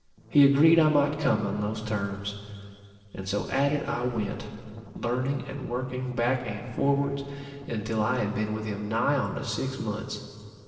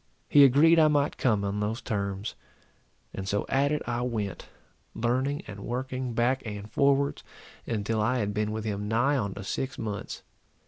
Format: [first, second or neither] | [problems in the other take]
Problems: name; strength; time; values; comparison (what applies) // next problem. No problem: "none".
second | noise reduction (neural separator model SepFormer DNS4)